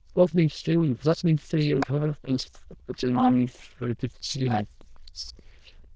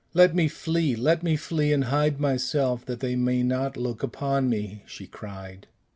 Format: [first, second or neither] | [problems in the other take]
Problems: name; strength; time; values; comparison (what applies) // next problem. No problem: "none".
second | noise reduction (neural diffusion model UNIVERSE++)